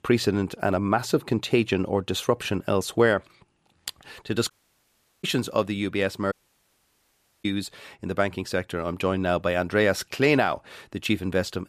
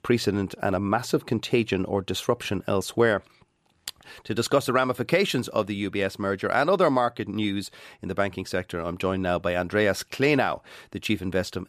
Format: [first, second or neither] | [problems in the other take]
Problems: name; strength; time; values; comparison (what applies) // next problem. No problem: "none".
second | audio cutting out; at 4.5 s for 0.5 s and at 6.5 s for 1 s